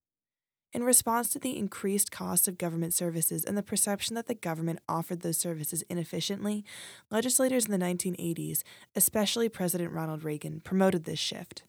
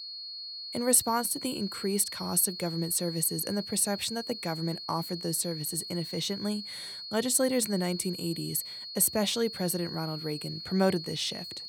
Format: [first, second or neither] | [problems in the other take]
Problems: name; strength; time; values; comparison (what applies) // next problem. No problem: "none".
first | high-pitched whine; loud; throughout; 4.5 kHz, 9 dB below the speech